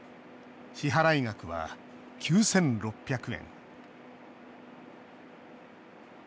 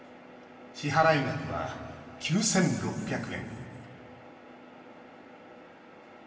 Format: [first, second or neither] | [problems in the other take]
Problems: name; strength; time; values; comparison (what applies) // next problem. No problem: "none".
first | room echo; dies away in 2.4 s